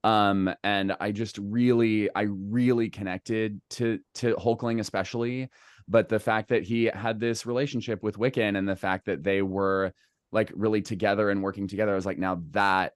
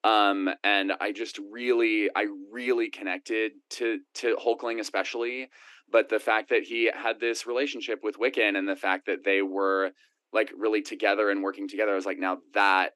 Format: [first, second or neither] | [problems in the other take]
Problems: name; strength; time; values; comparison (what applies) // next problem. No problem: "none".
first | thin; somewhat; fading below 300 Hz